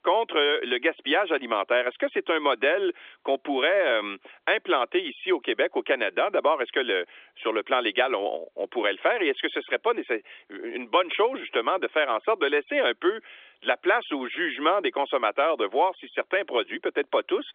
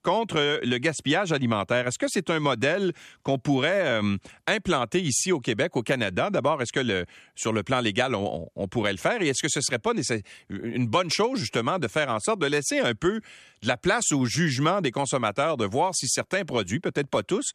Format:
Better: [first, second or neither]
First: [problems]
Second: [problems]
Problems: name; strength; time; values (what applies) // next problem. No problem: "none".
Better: second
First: phone-call audio; nothing above 3.5 kHz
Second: none